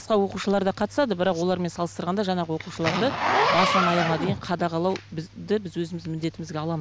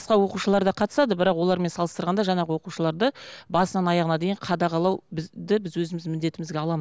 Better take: second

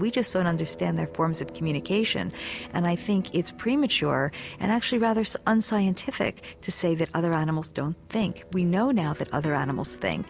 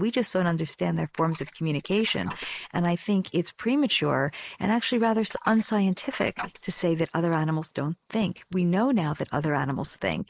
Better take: first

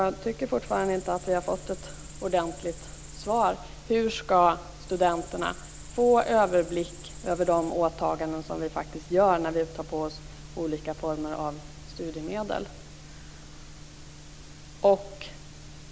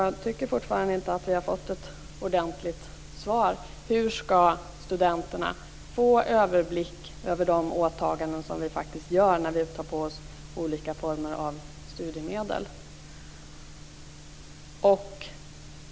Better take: second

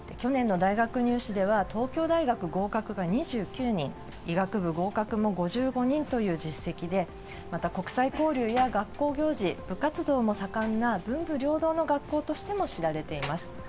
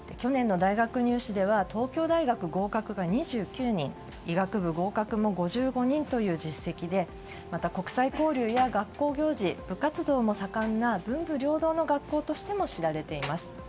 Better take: second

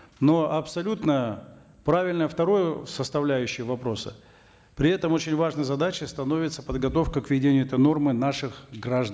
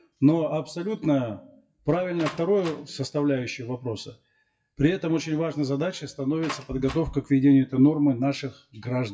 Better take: first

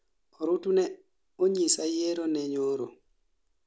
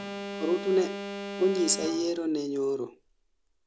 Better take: first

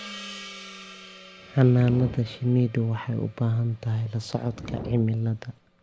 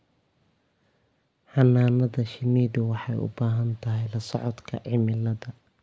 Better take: second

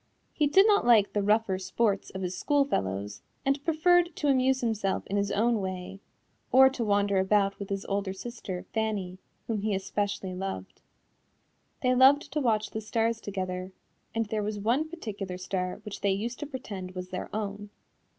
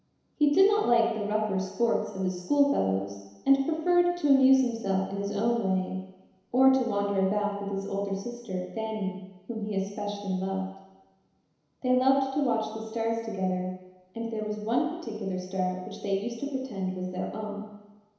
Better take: first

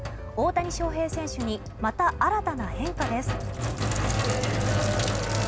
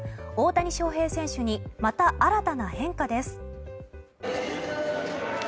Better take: second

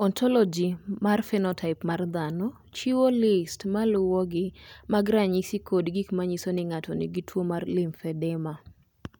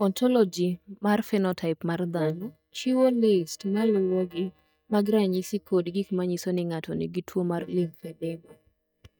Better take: first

